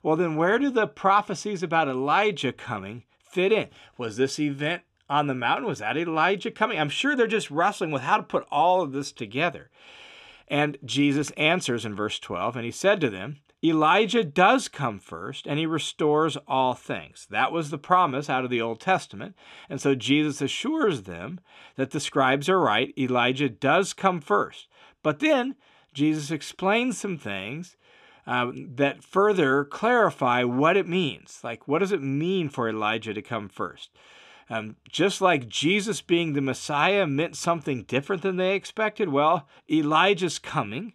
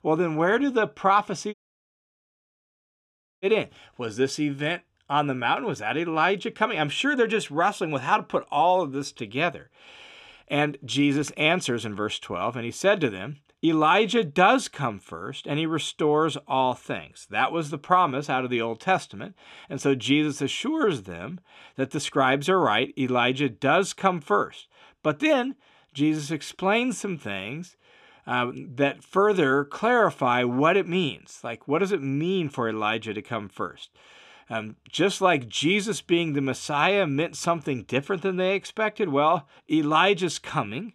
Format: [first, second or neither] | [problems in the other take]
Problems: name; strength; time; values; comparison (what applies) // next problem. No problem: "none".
first | audio cutting out; at 1.5 s for 2 s